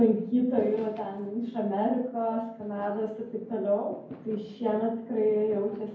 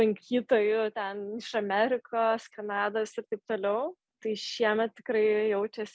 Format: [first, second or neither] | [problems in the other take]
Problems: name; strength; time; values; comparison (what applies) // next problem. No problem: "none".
second | background sound (Fireworks); 20 dB below the speech // room echo; dies away in 0.9 s